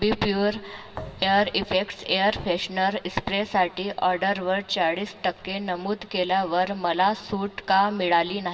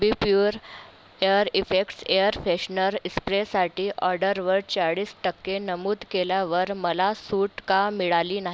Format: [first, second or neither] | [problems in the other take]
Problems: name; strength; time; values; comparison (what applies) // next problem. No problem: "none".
second | background sound (Thump, thud); 17 dB below the speech // room echo; dies away in 2.4 s